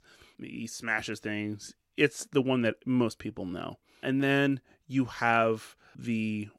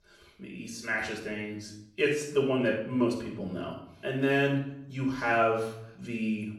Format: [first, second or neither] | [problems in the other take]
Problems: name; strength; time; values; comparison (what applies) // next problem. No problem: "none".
first | off-mic speech; far // room echo; noticeable; dies away in 0.6 s